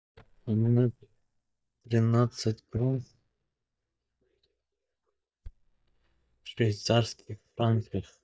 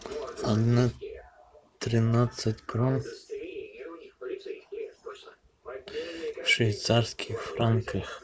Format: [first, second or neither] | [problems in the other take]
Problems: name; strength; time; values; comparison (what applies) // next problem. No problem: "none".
second | noise reduction (neural mask model DeepFilterNet 3)